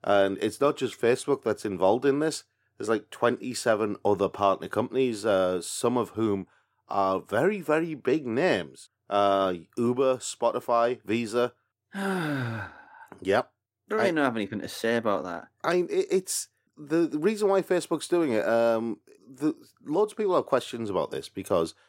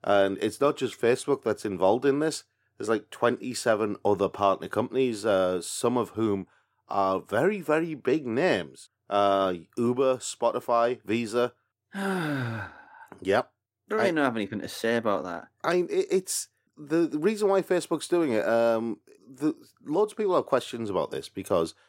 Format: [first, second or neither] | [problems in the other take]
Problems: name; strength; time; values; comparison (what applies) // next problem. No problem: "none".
neither | none